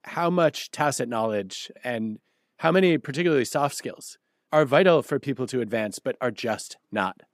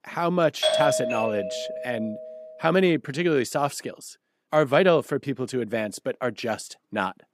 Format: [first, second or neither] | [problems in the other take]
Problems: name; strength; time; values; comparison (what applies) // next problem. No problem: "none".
first | doorbell; loud; from 0.5 to 2 s; peak 3 dB above the speech